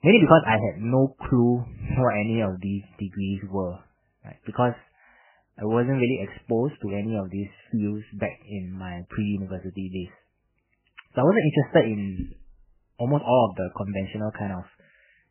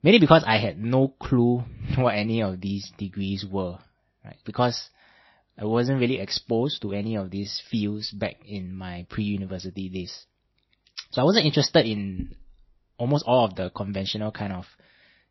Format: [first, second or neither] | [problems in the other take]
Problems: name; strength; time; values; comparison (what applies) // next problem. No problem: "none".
second | garbled, watery; badly; nothing above 3 kHz; slightly in the second